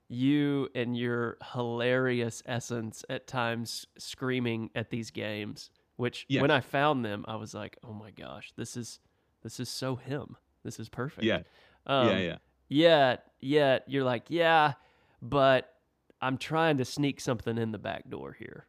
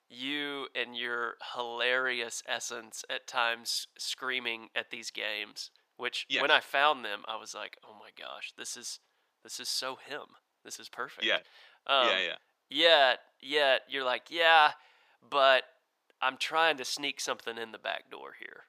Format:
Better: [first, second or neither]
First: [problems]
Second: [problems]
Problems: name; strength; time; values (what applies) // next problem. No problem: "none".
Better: first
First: none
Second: thin; very; fading below 750 Hz